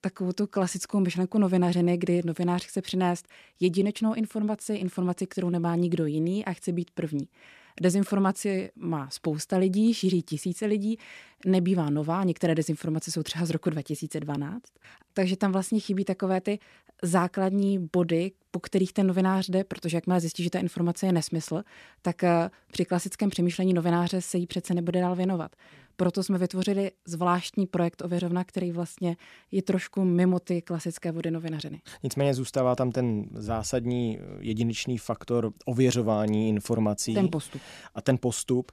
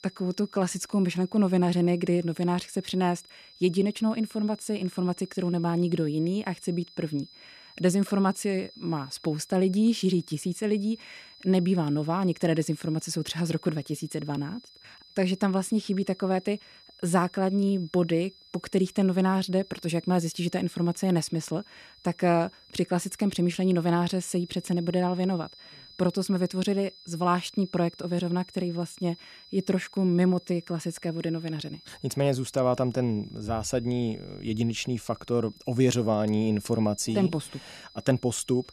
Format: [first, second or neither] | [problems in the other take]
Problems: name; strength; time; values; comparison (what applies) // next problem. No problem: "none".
first | high-pitched whine; faint; throughout; 5 kHz, 25 dB below the speech